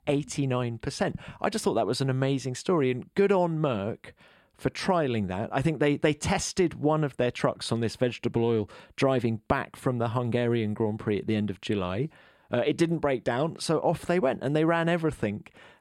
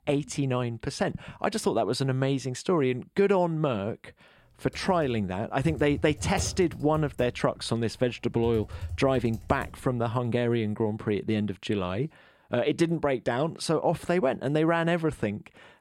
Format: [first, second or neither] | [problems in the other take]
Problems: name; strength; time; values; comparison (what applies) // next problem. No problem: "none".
first | keyboard typing; noticeable; from 4.5 to 10 s; peak 9 dB below the speech